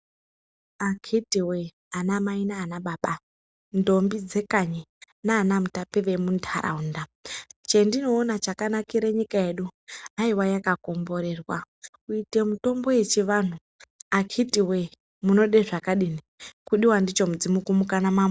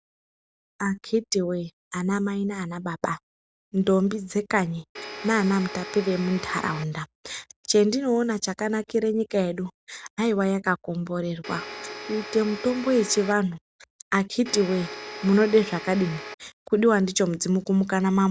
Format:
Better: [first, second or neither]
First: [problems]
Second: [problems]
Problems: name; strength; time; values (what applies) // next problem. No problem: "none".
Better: first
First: none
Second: background sound (Domestic sounds, home sounds); 12 dB below the speech